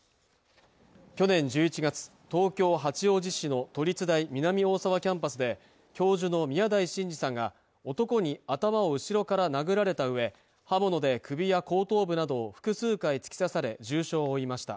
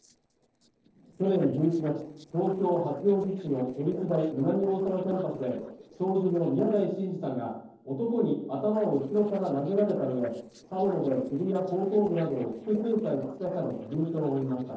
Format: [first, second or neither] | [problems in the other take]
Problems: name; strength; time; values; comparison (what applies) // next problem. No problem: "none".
first | noise reduction (neural separator model SepFormer DNS4)